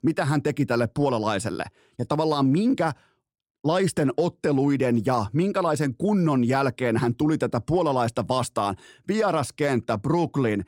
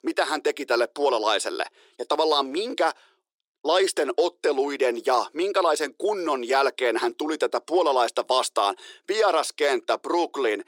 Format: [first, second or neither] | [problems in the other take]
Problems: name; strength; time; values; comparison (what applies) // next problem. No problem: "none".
first | thin; very; fading below 350 Hz